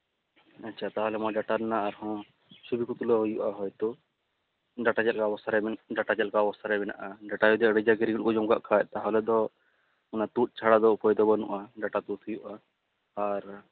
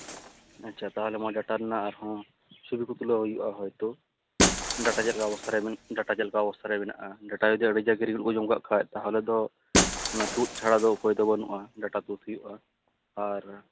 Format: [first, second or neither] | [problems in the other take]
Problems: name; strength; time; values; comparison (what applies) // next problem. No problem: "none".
first | background sound (Shatter); 6 dB below the speech